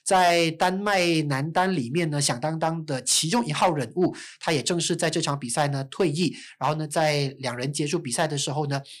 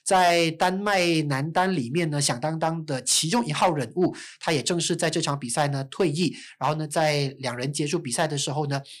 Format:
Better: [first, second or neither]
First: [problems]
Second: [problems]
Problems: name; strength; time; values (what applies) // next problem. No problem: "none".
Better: neither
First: distortion; slight; 2% of the sound clipped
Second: distortion; slight; 2% of the sound clipped